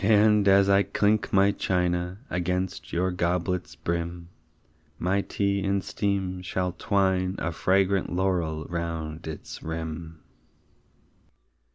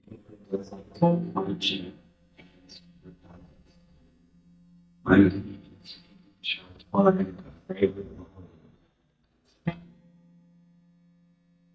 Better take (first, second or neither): first